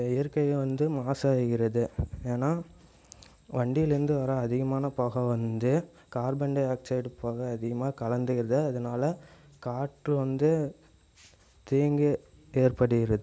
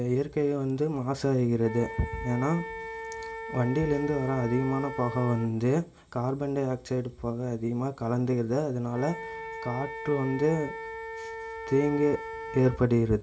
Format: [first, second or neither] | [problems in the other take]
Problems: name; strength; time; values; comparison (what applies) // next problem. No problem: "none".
first | background sound (Wind instrument, woodwind instrument); 12 dB below the speech // room echo; dies away in 0.2 s